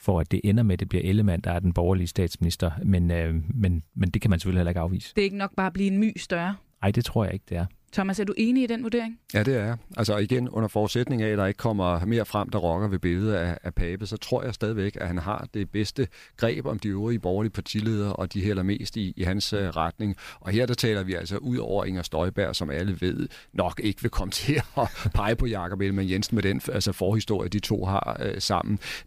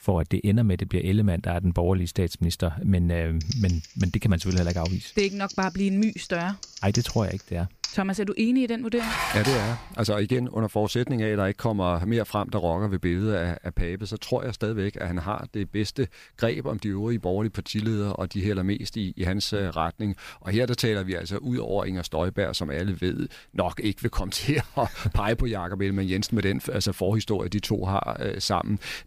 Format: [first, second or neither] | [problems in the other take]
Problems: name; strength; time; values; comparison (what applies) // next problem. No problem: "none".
first | keyboard typing; noticeable; from 3.5 to 8 s; peak 7 dB below the speech // clattering dishes; loud; at 9 s; peak level with the speech